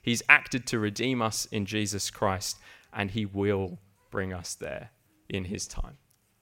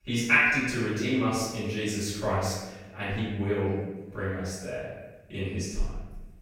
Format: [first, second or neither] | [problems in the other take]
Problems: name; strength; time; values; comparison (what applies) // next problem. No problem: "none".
first | off-mic speech; far // room echo; strong; dies away in 1 s